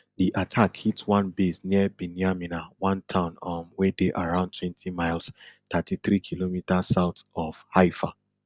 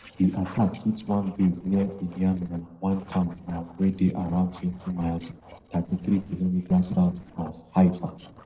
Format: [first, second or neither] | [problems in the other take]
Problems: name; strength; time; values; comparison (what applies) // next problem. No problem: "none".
first | noise reduction (neural separator model SepFormer DNS4)